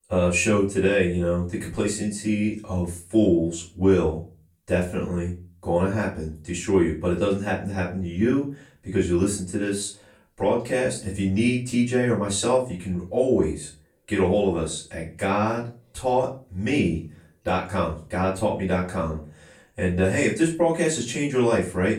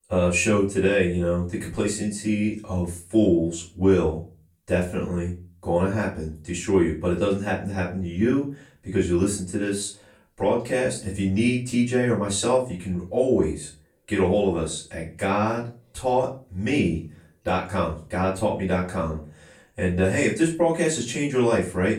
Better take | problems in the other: neither | room echo; slight; dies away in 0.3 s; the same in both // off-mic speech; far; the same in both

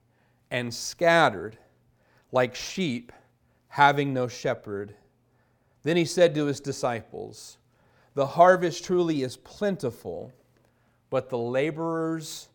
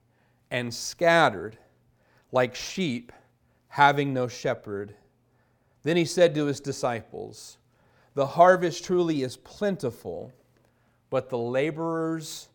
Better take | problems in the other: neither | none

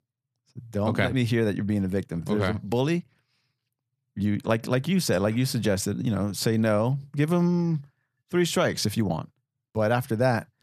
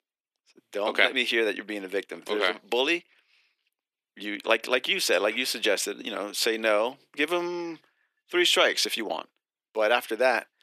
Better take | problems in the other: first | thin; very; fading below 300 Hz

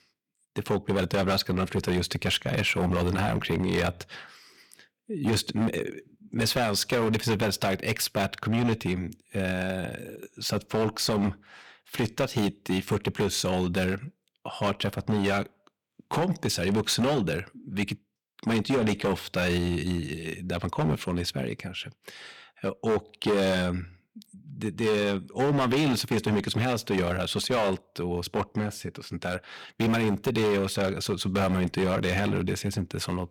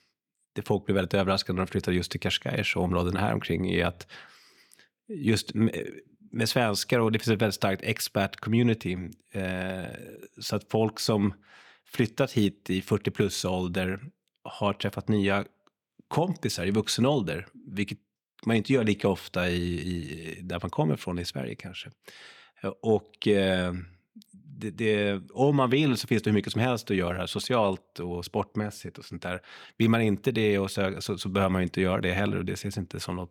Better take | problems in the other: second | distortion; heavy; 10% of the sound clipped

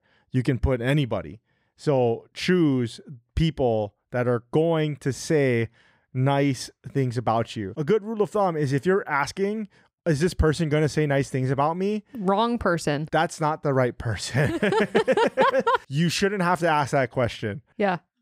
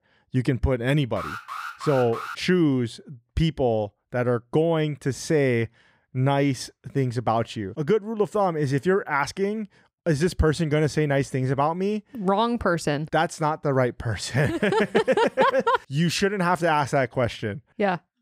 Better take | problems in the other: first | alarm; noticeable; from 1 to 2.5 s; peak 9 dB below the speech

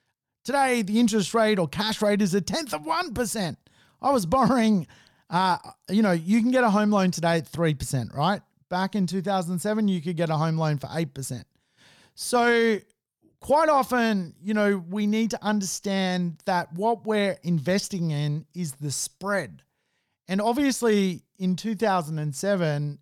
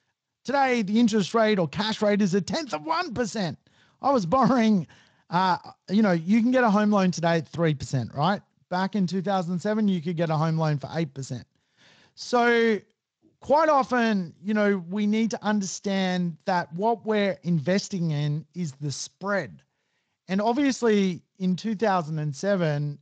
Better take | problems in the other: first | garbled, watery; slightly; nothing above 7.5 kHz

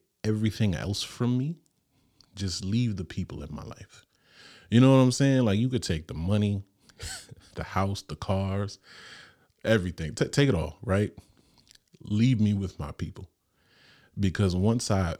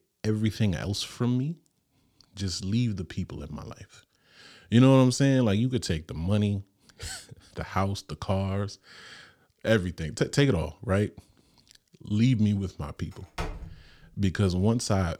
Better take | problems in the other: first | door banging; faint; at 13 s; peak 10 dB below the speech

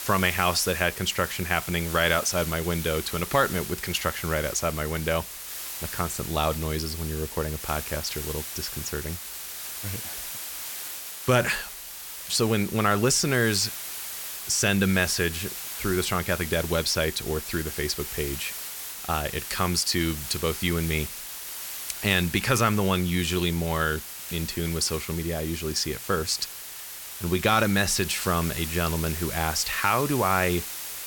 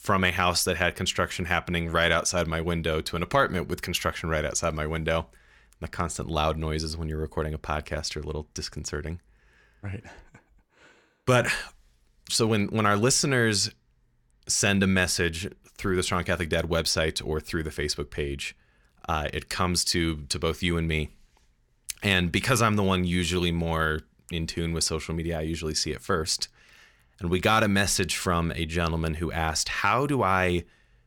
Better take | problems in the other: second | hiss; loud; throughout; 8 dB below the speech

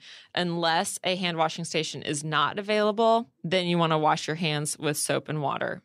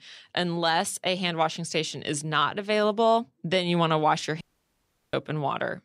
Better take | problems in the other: first | audio cutting out; at 4.5 s for 0.5 s

